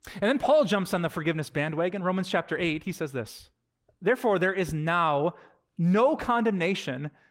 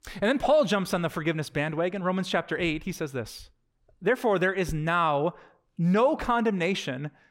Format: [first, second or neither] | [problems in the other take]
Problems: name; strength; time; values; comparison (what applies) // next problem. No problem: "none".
second | garbled, watery; slightly; nothing above 16 kHz